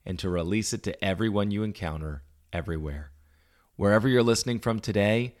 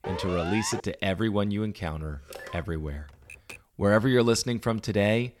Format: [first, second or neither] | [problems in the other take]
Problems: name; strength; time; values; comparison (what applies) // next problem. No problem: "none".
first | siren; noticeable; at the start; peak 7 dB below the speech // phone ringing; faint; at 2.5 s; peak 15 dB below the speech // keyboard typing; faint; at 3 s; peak 15 dB below the speech